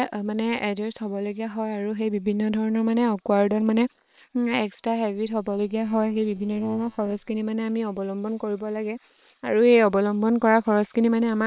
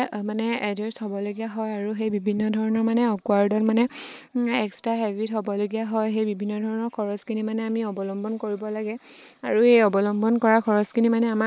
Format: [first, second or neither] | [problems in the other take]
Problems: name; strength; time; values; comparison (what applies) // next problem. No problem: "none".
second | noise reduction (neural separator model SepFormer WHAM!)